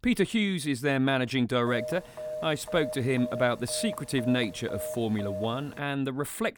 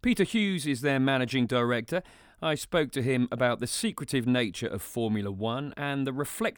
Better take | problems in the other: second | phone ringing; noticeable; from 1.5 to 6 s; peak 9 dB below the speech

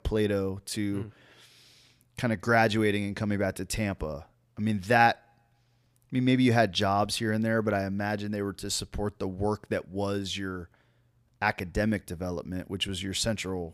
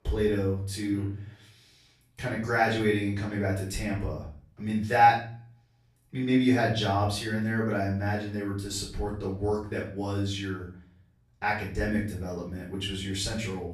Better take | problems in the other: first | off-mic speech; far // room echo; noticeable; dies away in 0.4 s

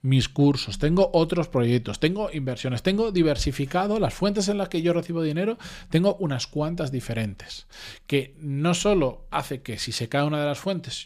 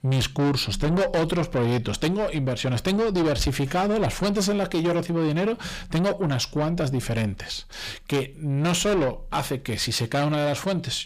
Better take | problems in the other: first | distortion; heavy; 7 dB below the speech

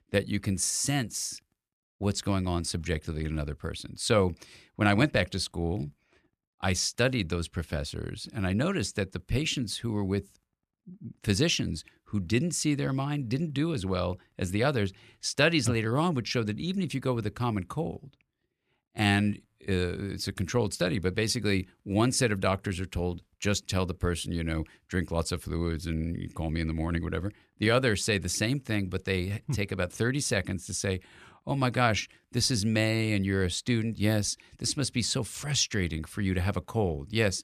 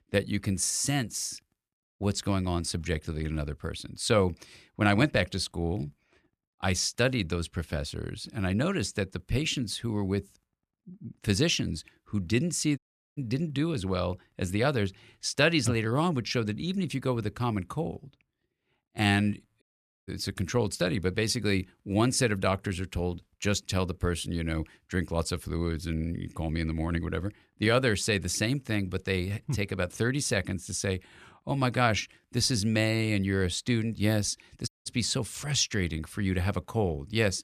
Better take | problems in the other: first | audio cutting out; at 13 s, at 20 s and at 35 s

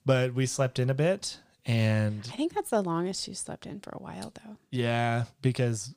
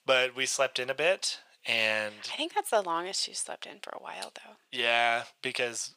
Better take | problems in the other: first | thin; very; fading below 700 Hz

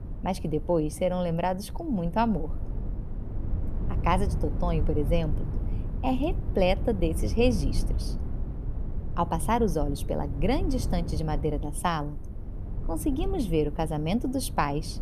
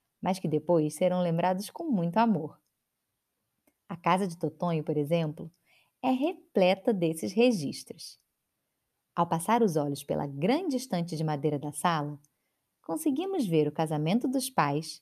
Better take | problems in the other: second | low rumble; noticeable; throughout; 15 dB below the speech

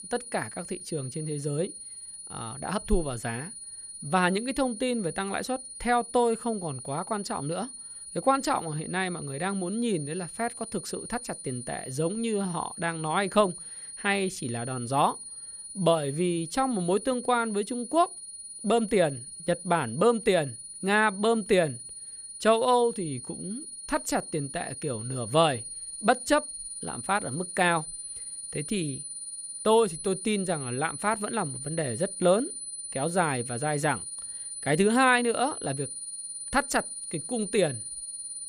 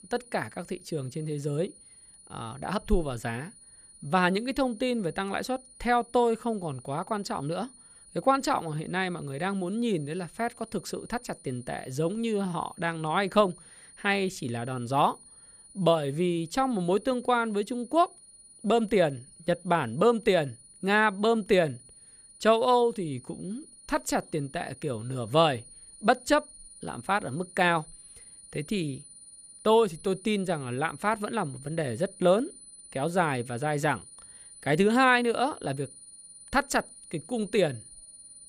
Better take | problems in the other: second | high-pitched whine; loud; throughout; 9.5 kHz, 9 dB below the speech; faint in the second

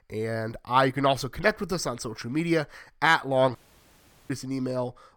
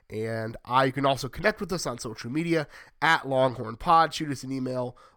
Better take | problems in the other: second | audio cutting out; at 3.5 s for 1 s

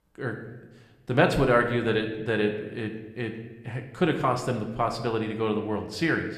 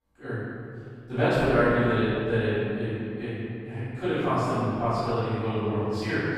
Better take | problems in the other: first | room echo; strong; dies away in 2.7 s; slight in the first // off-mic speech; far

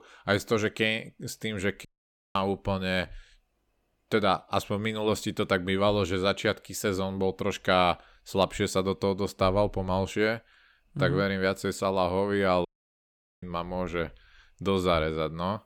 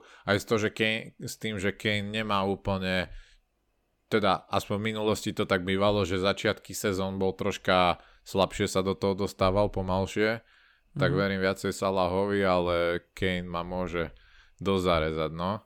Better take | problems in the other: second | audio cutting out; at 2 s for 0.5 s and at 13 s for 1 s

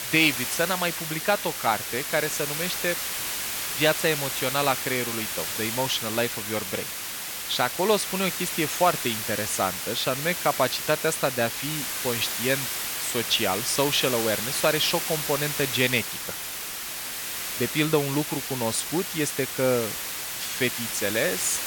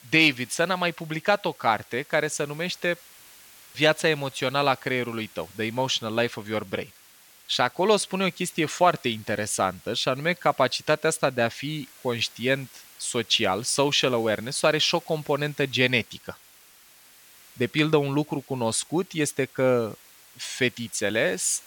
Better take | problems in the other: second | hiss; loud; throughout; 2 dB below the speech; faint in the second

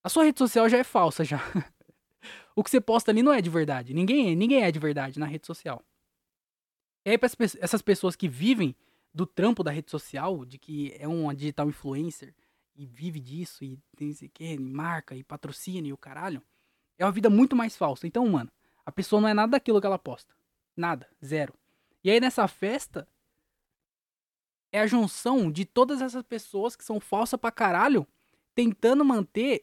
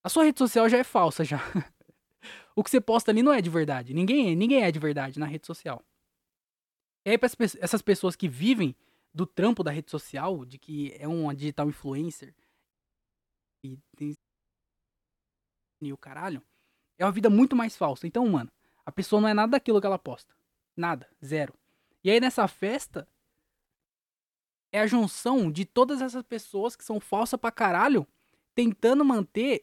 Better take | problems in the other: first | audio cutting out; at 13 s for 1 s and at 14 s for 1.5 s

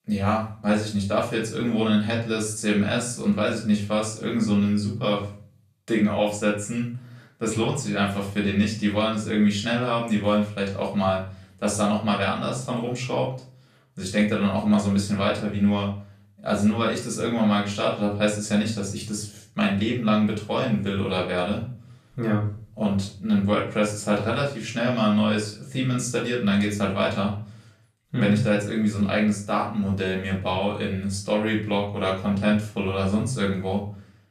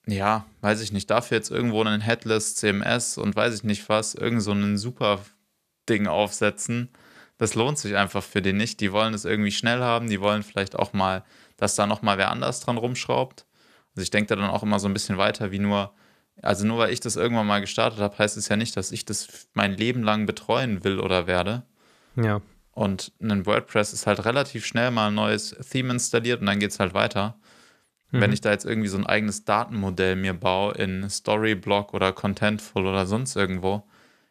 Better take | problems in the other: second | off-mic speech; far // room echo; slight; dies away in 0.5 s

